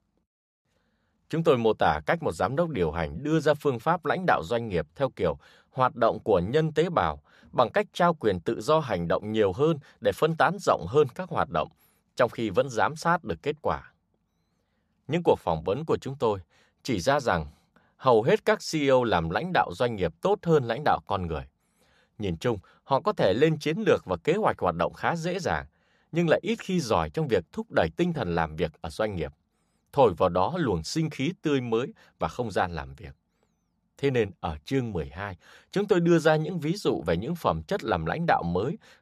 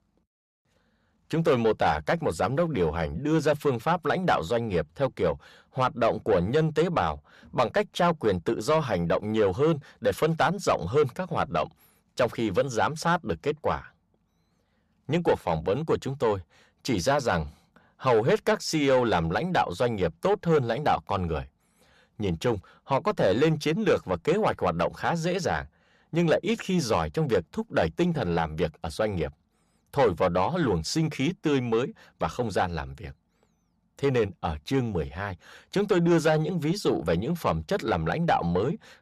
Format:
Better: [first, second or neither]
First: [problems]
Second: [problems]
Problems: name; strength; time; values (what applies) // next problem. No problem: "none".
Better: first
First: none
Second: distortion; slight; 10 dB below the speech